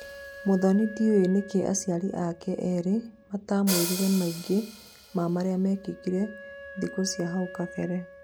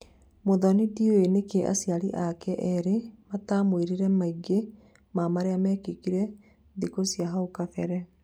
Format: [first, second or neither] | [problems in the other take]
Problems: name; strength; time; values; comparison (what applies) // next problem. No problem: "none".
second | background sound (Hi-hat + Wind instrument, woodwind instrument); 13 dB below the speech